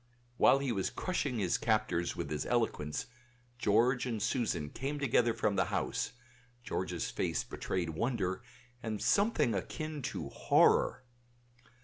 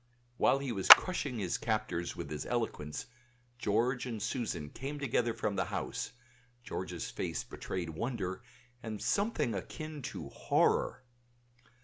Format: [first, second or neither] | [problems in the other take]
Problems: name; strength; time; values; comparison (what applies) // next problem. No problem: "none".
first | background sound (Clapping); 5 dB above the speech